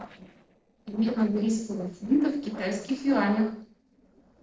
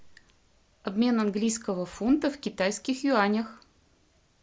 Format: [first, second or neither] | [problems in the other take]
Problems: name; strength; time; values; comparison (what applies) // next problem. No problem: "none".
second | noise reduction (neural separator model SepFormer DNS4)